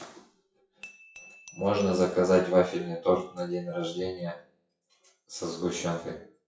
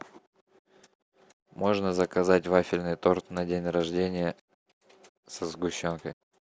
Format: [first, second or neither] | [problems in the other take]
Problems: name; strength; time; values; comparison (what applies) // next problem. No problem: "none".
second | noise reduction (classical method WPE with log-MMSE)